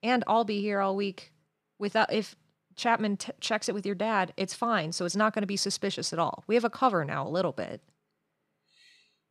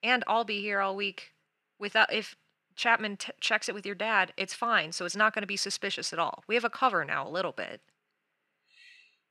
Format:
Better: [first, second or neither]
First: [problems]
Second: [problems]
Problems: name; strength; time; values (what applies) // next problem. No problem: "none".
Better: first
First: none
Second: thin; somewhat; fading below 700 Hz